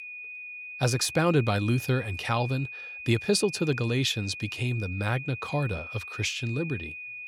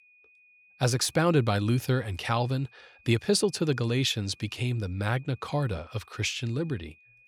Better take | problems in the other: second | high-pitched whine; loud; throughout; 2.5 kHz, 10 dB below the speech; faint in the second

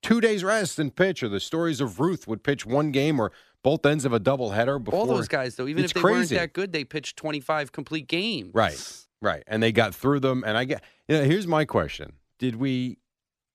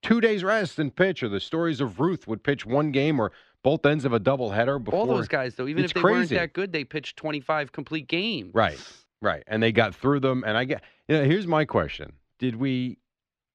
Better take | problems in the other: first | muffled; very slightly; fading above 3 kHz

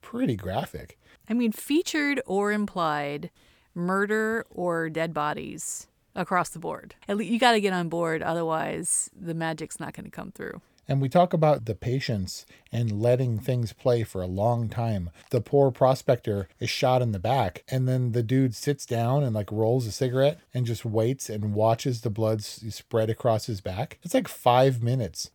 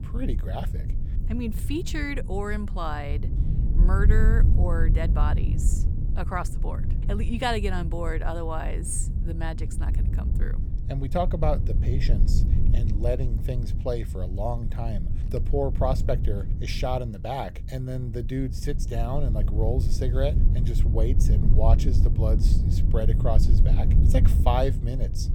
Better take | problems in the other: first | low rumble; loud; throughout; 9 dB below the speech

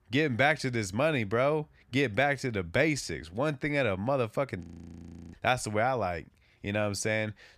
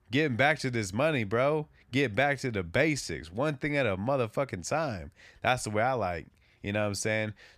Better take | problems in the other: second | audio freezing; at 4.5 s for 0.5 s

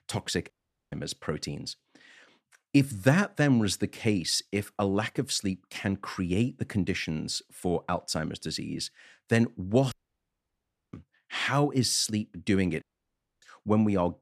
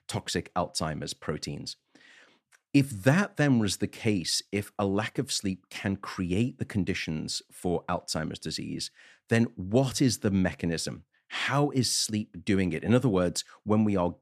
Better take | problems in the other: second | audio cutting out; at 0.5 s, at 10 s for 1 s and at 13 s for 0.5 s

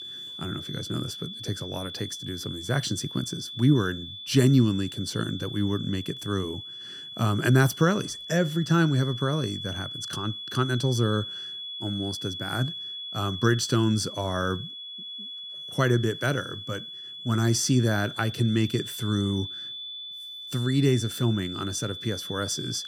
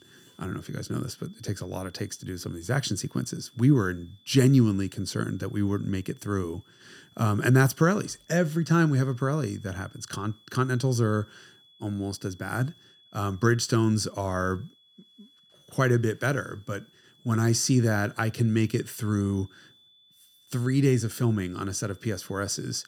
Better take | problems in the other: second | high-pitched whine; loud; throughout; 3.5 kHz, 9 dB below the speech; faint in the second

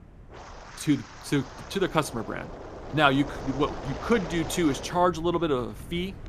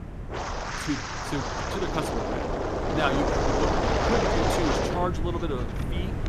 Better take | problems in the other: first | wind noise on the microphone; heavy; 5 dB above the speech; occasional gusts in the first

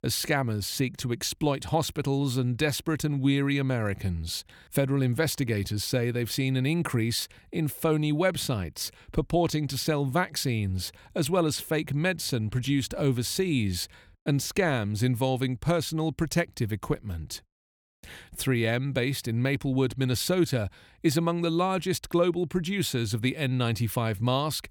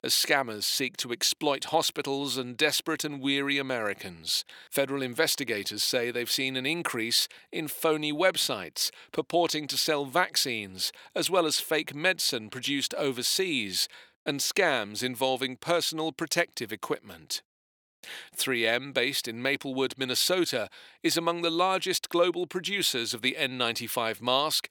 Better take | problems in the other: first | thin; somewhat; fading below 400 Hz

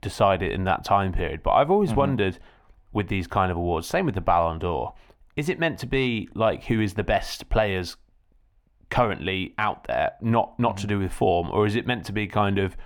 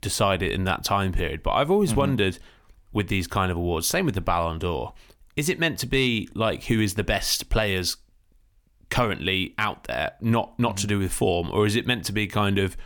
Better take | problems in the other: second | muffled; slightly; fading above 4 kHz

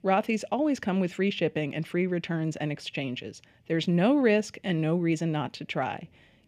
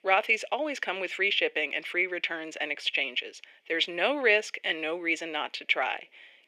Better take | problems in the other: first | thin; very; fading below 400 Hz

